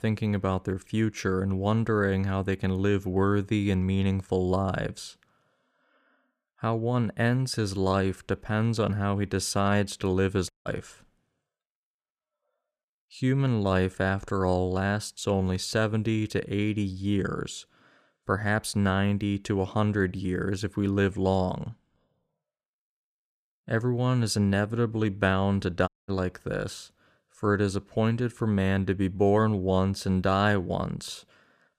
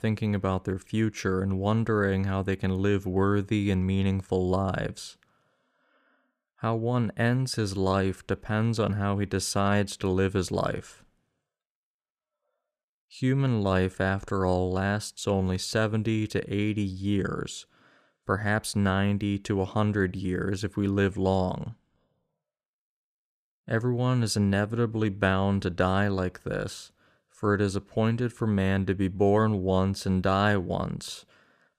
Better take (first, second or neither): second